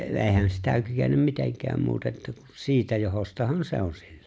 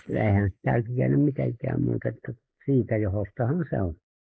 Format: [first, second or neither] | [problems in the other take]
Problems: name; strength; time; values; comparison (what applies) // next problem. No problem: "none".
first | noise reduction (neural mask model Resemble Enhance denoiser)